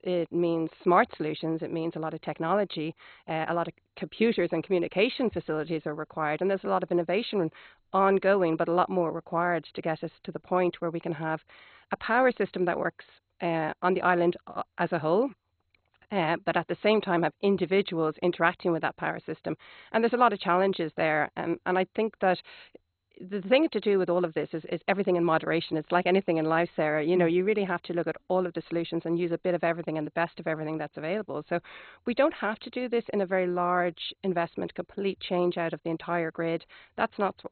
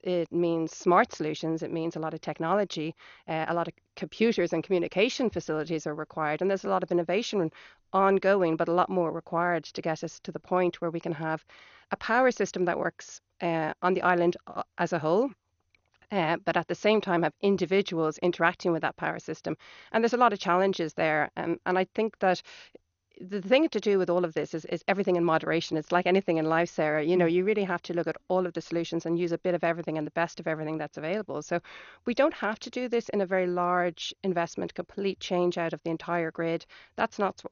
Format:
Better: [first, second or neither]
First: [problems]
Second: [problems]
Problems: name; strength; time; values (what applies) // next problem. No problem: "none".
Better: second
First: garbled, watery; badly; nothing above 4 kHz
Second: garbled, watery; slightly; nothing above 6.5 kHz